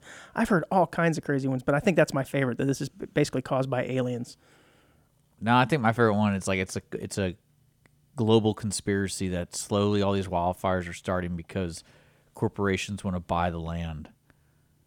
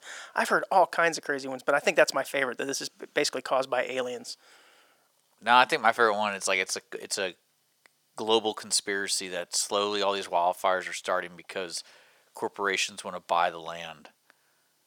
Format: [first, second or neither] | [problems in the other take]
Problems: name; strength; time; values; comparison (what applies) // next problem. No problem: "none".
first | thin; very; fading below 600 Hz